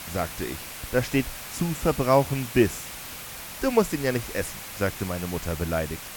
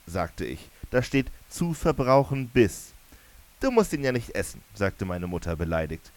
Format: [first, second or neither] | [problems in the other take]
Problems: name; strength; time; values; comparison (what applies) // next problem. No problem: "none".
second | hiss; loud; throughout; 9 dB below the speech; faint in the second